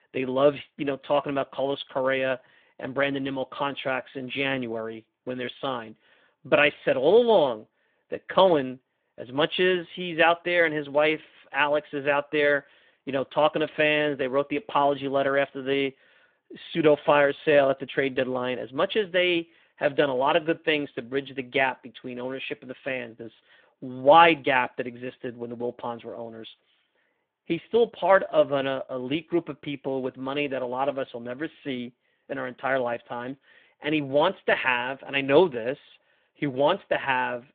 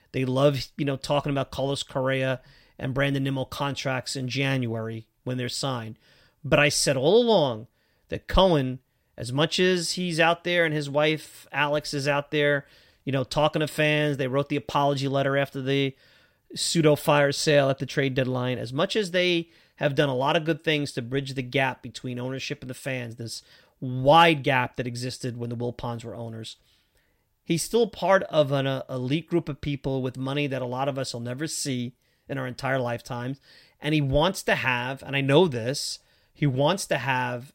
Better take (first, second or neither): second